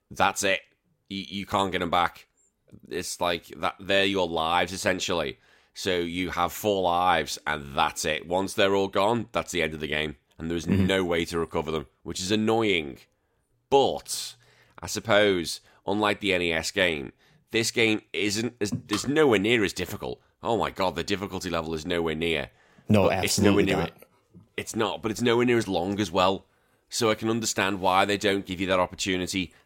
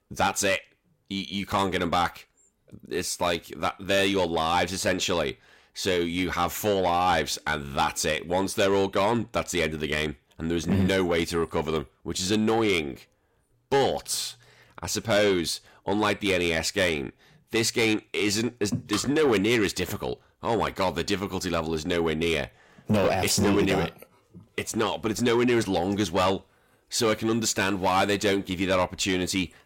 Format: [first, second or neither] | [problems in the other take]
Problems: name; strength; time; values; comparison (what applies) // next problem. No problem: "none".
first | distortion; slight; 10 dB below the speech